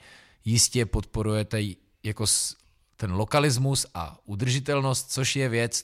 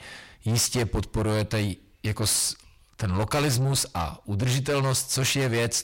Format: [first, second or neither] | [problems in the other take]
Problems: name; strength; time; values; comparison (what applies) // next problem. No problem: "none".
first | distortion; heavy; 6 dB below the speech